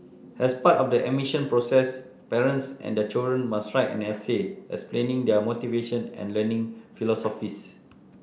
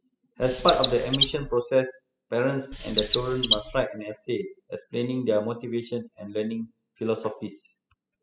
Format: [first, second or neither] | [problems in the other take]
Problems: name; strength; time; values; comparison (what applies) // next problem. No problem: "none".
first | noise reduction (classical method spectral subtraction)